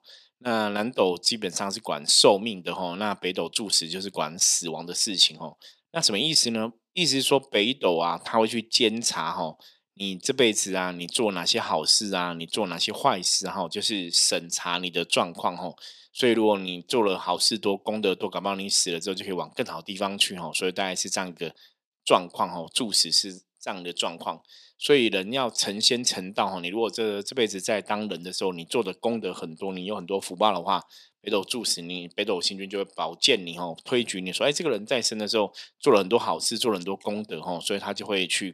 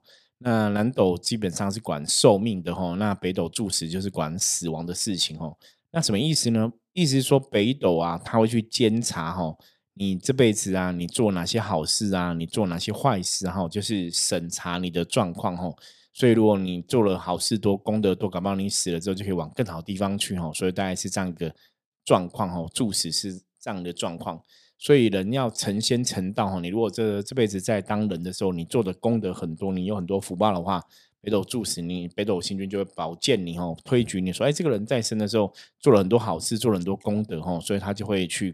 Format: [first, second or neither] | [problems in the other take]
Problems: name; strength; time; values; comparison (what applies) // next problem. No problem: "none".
second | thin; very slightly; fading below 300 Hz